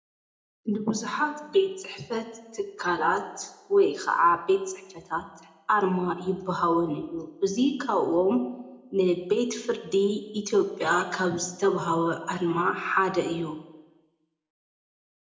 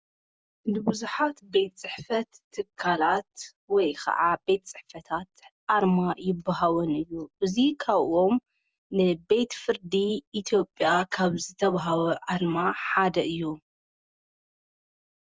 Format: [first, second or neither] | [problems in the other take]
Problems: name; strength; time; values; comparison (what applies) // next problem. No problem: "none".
second | room echo; dies away in 0.5 s